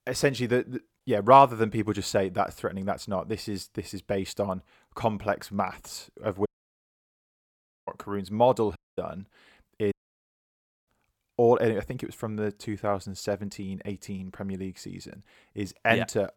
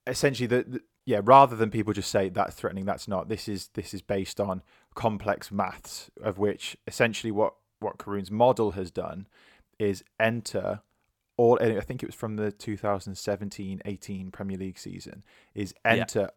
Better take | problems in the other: second | audio cutting out; at 6.5 s for 1.5 s, at 9 s and at 10 s for 1 s

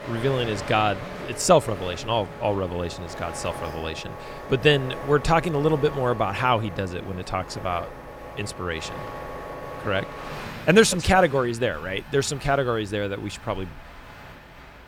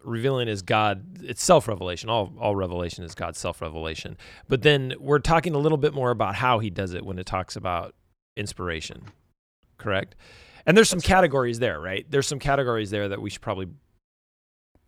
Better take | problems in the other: second | train or aircraft noise; noticeable; throughout; 15 dB below the speech

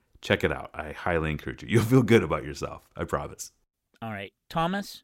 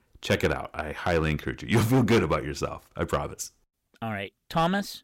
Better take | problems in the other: first | distortion; heavy; 4% of the sound clipped

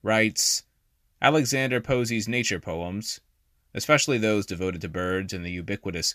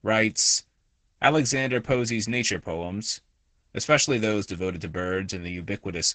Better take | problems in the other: first | garbled, watery; badly; nothing above 8 kHz

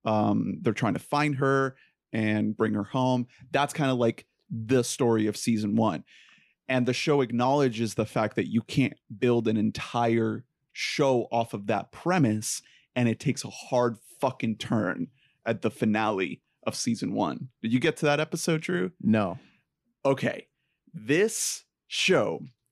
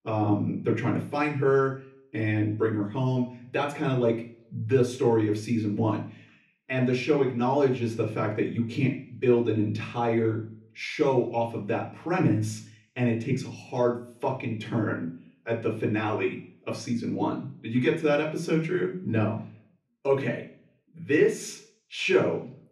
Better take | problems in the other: first | room echo; slight; dies away in 0.5 s // off-mic speech; far

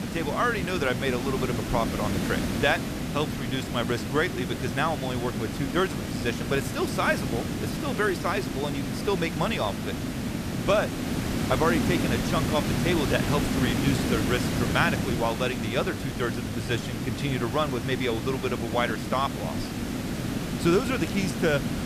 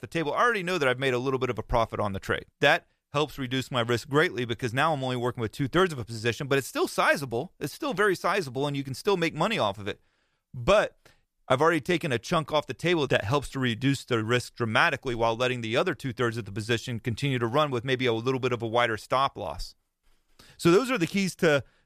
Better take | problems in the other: second | hiss; loud; throughout; 1 dB below the speech

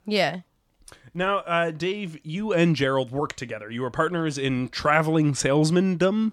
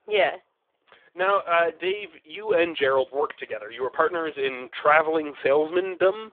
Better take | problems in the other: first | phone-call audio; poor line

